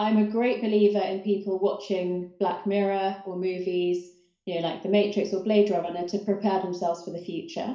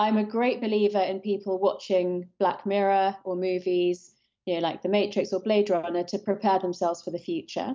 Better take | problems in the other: second | room echo; dies away in 0.5 s

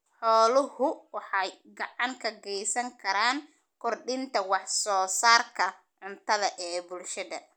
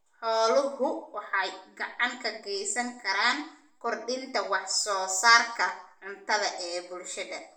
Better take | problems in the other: first | room echo; dies away in 0.4 s

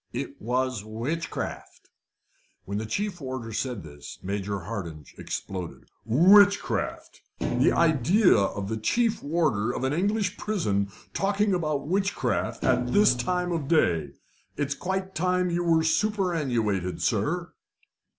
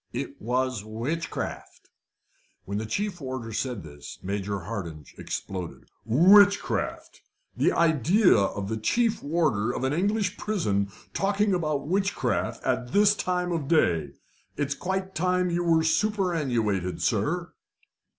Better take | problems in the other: second | background sound (Thump, thud); 5 dB below the speech

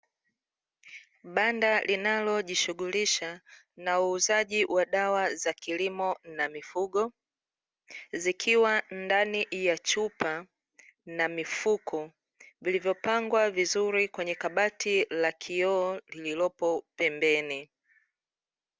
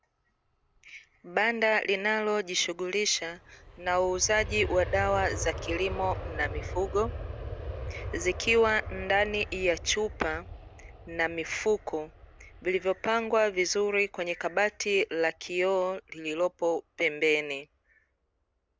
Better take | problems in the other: first | background sound (Aircraft); 12 dB below the speech

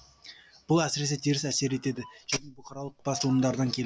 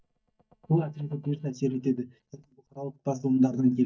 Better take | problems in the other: first | noise reduction (neural mask model DeepFilterNet 3)

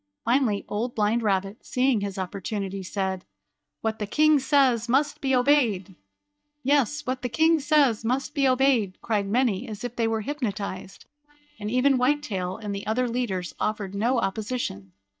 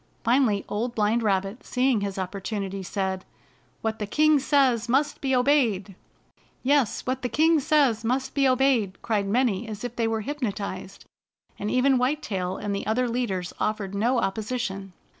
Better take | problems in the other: second | noise reduction (neural mask model DeepFilterNet 3)

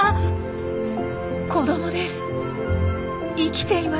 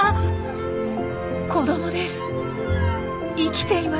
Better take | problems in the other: first | background sound (Bowed string instrument); 16 dB below the speech

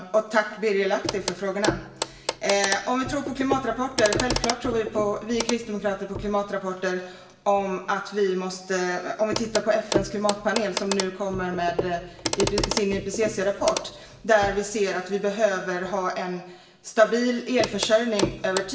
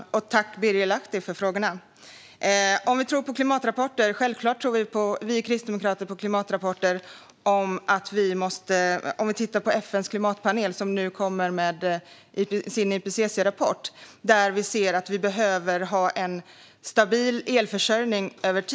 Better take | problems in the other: second | background sound (Clock); 7 dB below the speech // room echo; dies away in 1 s

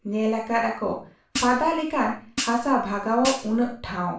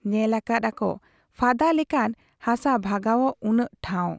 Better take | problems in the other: second | background sound (Hi-hat); 10 dB below the speech // room echo; dies away in 0.3 s

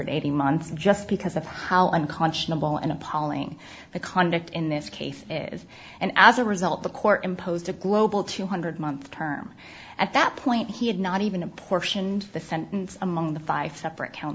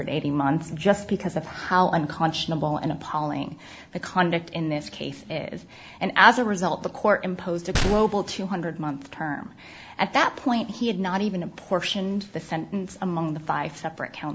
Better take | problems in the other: first | background sound (Gunshot, gunfire); 6 dB below the speech

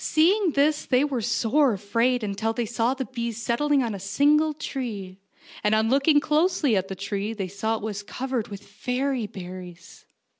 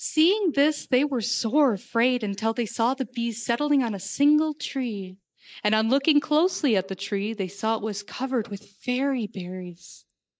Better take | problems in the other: first | noise reduction (neural mask model Resemble Enhance denoiser)

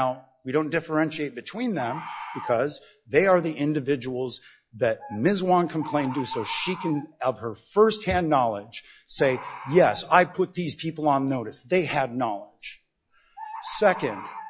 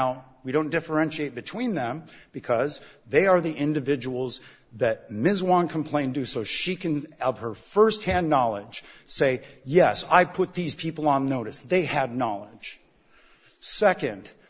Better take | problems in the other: second | noise reduction (classical method log-MMSE)

